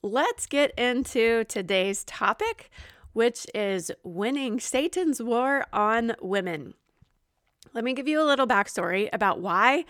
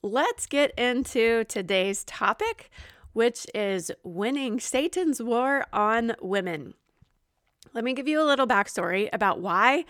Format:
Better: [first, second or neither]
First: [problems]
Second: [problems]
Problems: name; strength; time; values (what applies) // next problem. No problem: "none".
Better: neither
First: none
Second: none